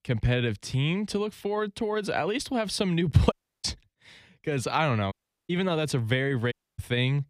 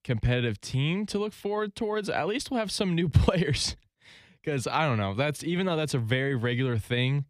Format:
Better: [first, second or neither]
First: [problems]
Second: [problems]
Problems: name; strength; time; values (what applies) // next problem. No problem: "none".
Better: second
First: audio cutting out; at 3.5 s, at 5 s and at 6.5 s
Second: none